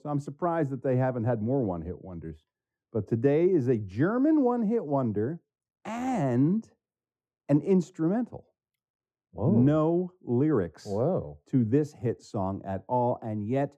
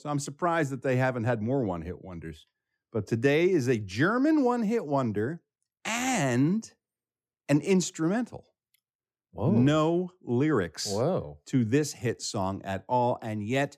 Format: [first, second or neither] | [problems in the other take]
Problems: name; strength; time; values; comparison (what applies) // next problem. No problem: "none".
second | muffled; very; fading above 1.5 kHz